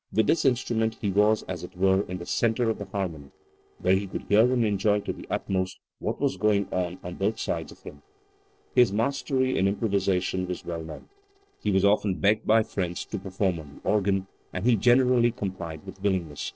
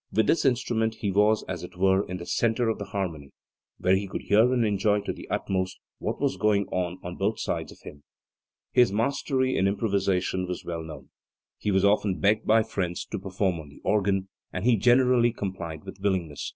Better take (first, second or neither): second